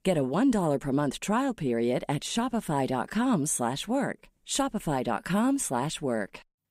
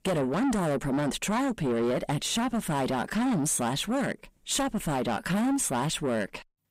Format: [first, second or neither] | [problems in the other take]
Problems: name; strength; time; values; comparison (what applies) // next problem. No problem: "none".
first | distortion; heavy; 7 dB below the speech